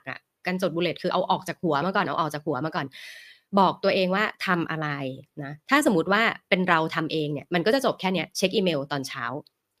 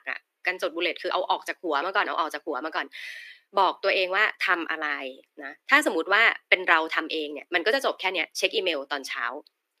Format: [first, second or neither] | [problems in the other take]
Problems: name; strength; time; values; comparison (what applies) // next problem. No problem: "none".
first | thin; somewhat; fading below 300 Hz